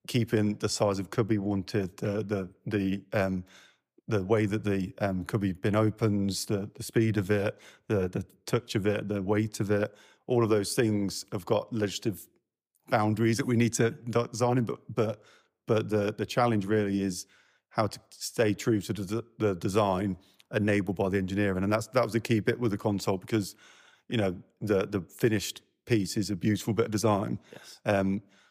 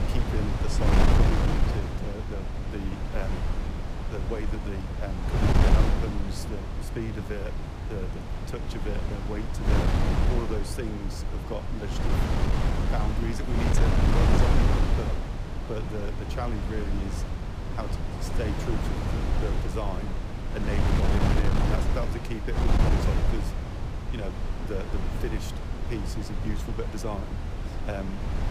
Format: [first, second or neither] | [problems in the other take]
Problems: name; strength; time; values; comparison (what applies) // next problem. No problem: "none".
first | wind noise on the microphone; heavy; 3 dB above the speech